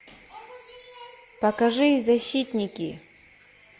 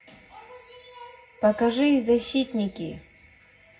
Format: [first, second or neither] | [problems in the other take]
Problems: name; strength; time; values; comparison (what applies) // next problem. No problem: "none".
first | room echo; dies away in 0.4 s